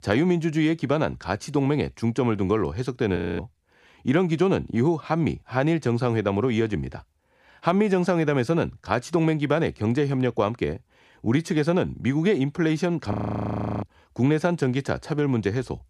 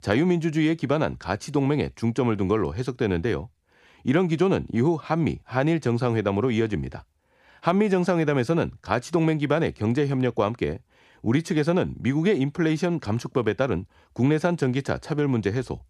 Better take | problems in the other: second | audio freezing; at 3 s and at 13 s for 0.5 s

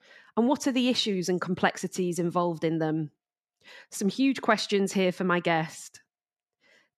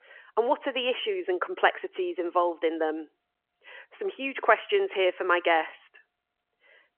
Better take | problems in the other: first | phone-call audio; nothing above 3 kHz

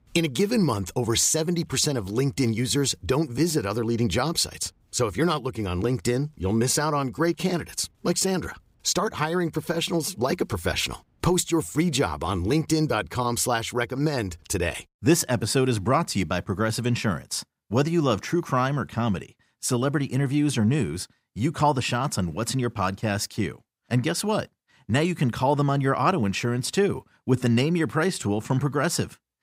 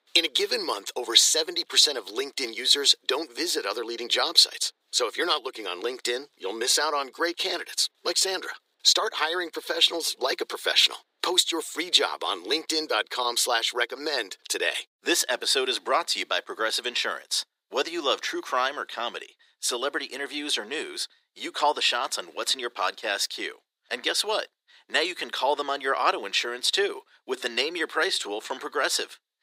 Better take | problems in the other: first | thin; very; fading below 400 Hz

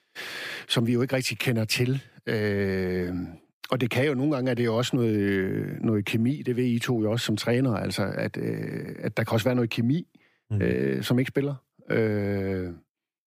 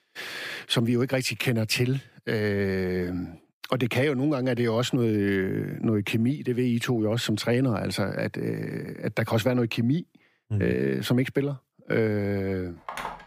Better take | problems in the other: first | phone ringing; noticeable; at 13 s; peak 9 dB below the speech

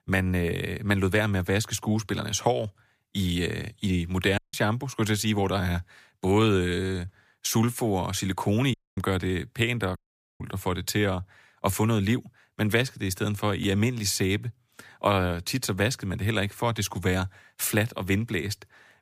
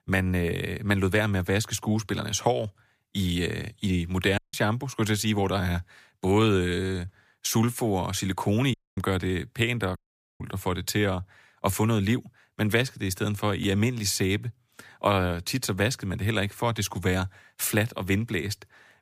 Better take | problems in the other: neither | audio cutting out; at 4.5 s, at 8.5 s and at 10 s; the same in both

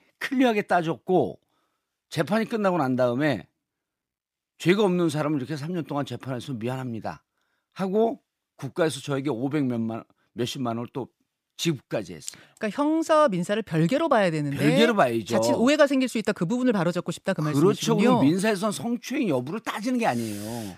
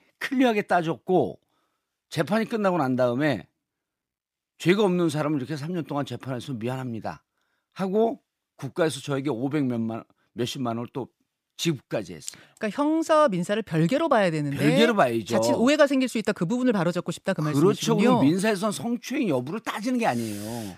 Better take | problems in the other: neither | none

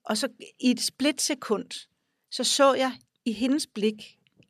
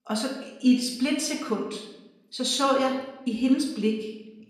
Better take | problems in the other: first | off-mic speech; far // room echo; noticeable; dies away in 0.8 s

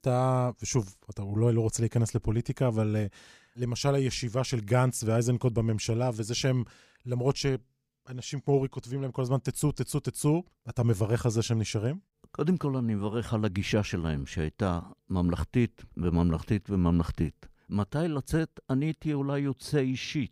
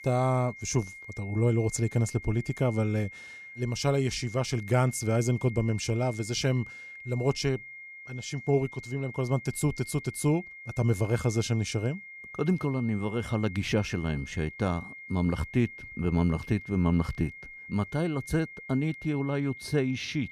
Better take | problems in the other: first | high-pitched whine; noticeable; throughout; 2 kHz, 15 dB below the speech

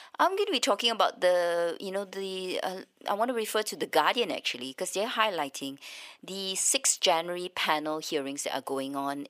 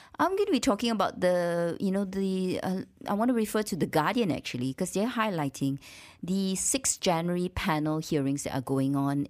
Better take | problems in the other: second | thin; somewhat; fading below 550 Hz

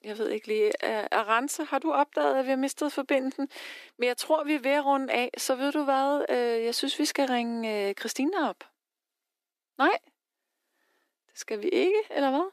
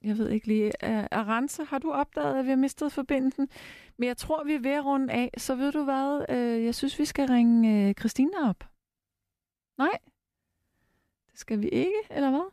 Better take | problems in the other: second | thin; somewhat; fading below 300 Hz

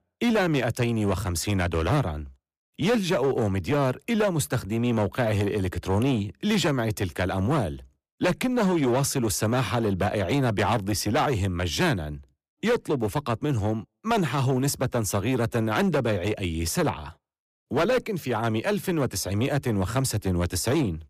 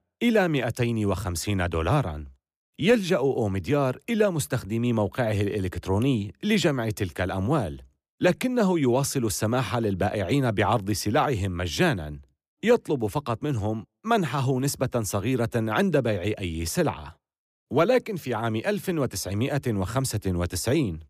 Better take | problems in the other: second | distortion; slight; 11% of the sound clipped

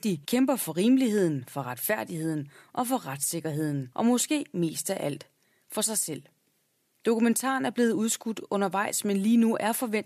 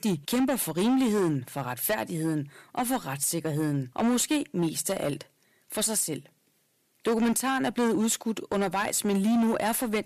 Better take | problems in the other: first | distortion; slight; 11% of the sound clipped

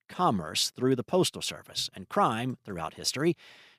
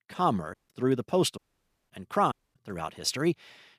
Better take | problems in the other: first | audio cutting out; at 0.5 s, at 1.5 s for 0.5 s and at 2.5 s

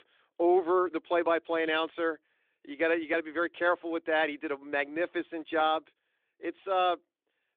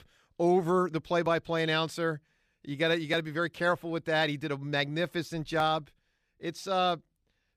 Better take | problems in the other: second | phone-call audio; nothing above 3.5 kHz

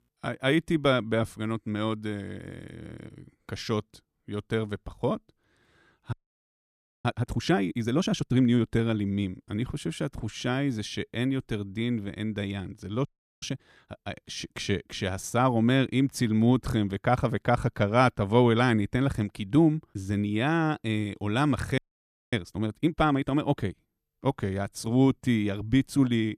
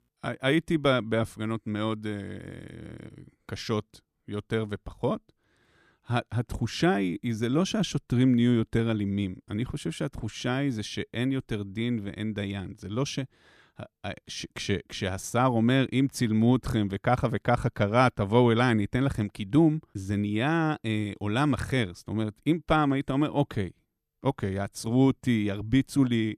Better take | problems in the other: second | audio freezing; at 6 s for 1 s, at 13 s and at 22 s for 0.5 s

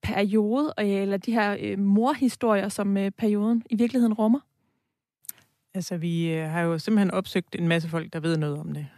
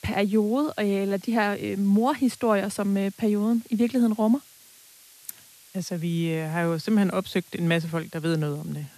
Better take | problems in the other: first | hiss; faint; throughout; 25 dB below the speech

